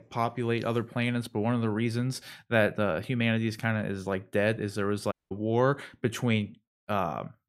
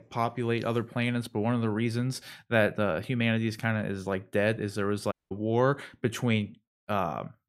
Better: neither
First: audio cutting out; at 5 s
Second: audio cutting out; at 5 s

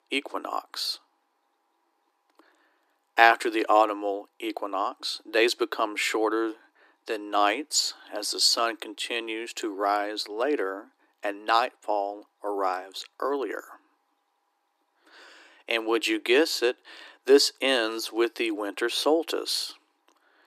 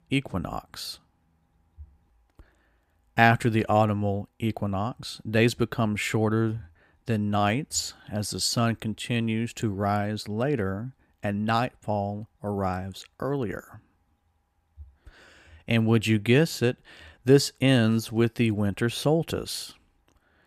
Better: second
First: thin; very; fading below 300 Hz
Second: none

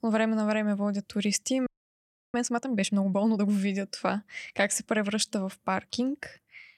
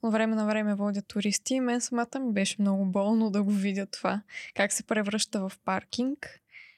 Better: second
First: audio freezing; at 1.5 s for 0.5 s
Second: none

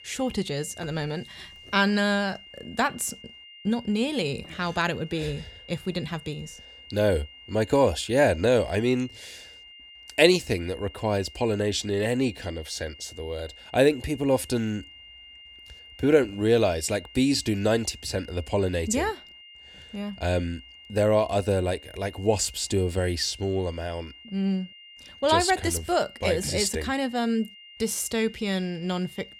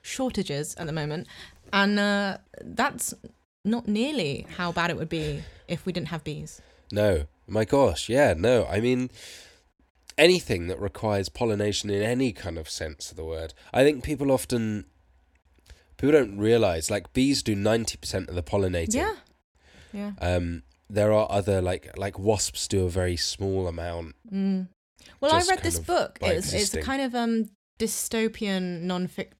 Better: second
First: high-pitched whine; noticeable; throughout; 3 kHz, 20 dB below the speech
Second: none

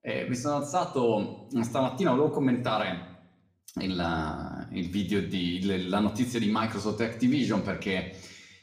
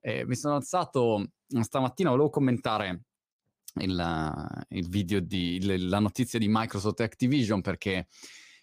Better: second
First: room echo; slight; dies away in 0.7 s // off-mic speech; somewhat distant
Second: none

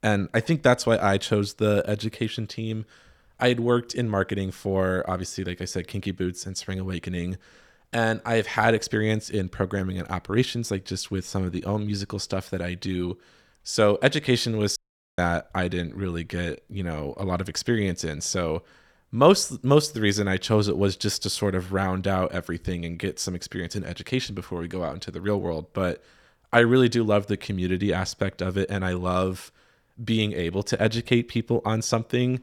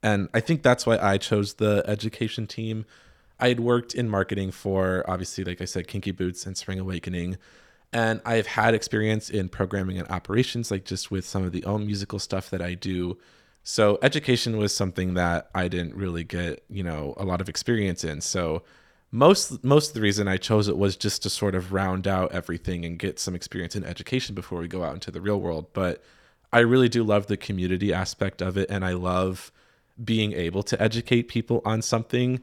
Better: second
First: audio cutting out; at 15 s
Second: none

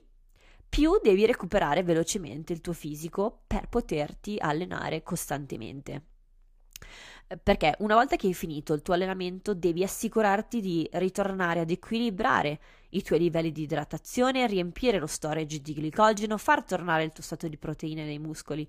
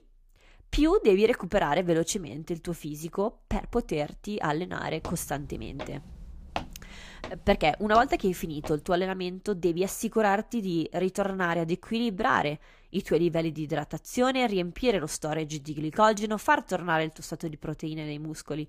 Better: first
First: none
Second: footsteps; noticeable; from 5 to 8.5 s; peak 10 dB below the speech

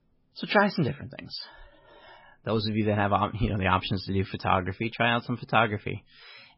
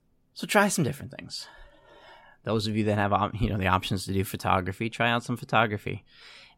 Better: second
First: garbled, watery; badly; nothing above 5 kHz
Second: none

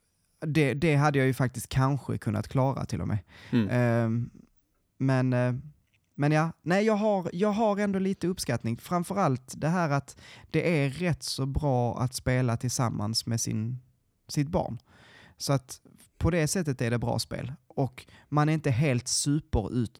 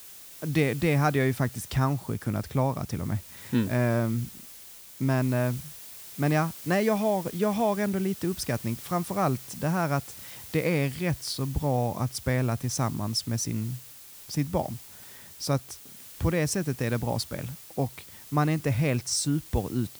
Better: first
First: none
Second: hiss; noticeable; throughout; 15 dB below the speech

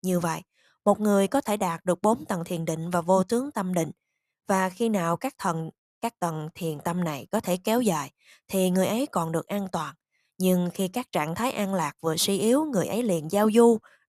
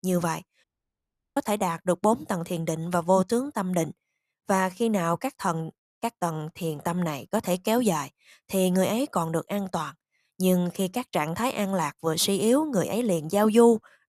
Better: first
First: none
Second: audio cutting out; at 0.5 s for 0.5 s

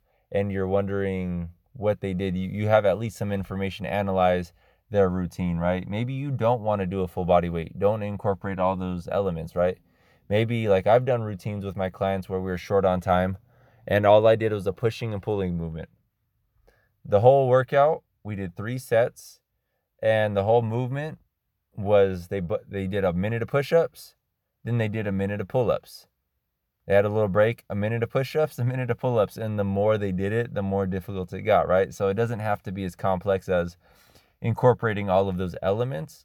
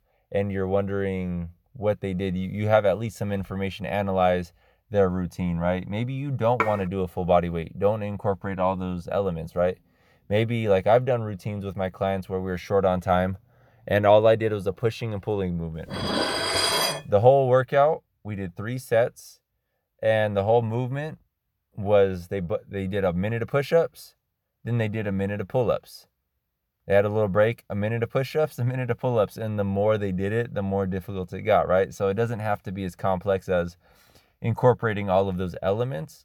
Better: first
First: none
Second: clattering dishes; noticeable; at 6.5 s; peak 4 dB below the speech // clattering dishes; loud; from 16 to 17 s; peak 4 dB above the speech

